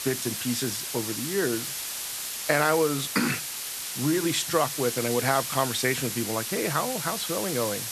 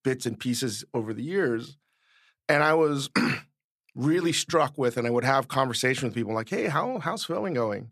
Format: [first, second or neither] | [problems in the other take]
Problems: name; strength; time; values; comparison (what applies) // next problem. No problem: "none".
second | hiss; loud; throughout; 3 dB below the speech